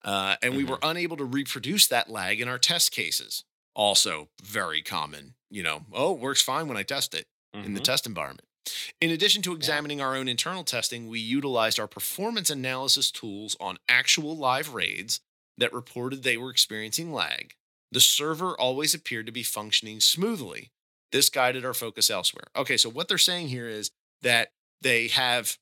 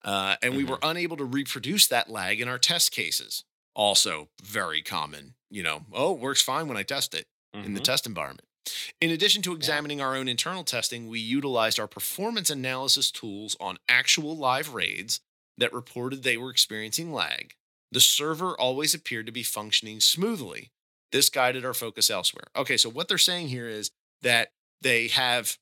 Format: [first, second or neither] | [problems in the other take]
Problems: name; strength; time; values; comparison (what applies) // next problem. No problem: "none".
neither | thin; somewhat; fading below 350 Hz; the same in both